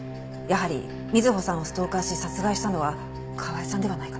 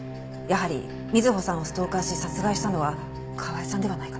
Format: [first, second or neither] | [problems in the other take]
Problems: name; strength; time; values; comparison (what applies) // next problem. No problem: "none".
first | background sound (Bowed string instrument); 14 dB below the speech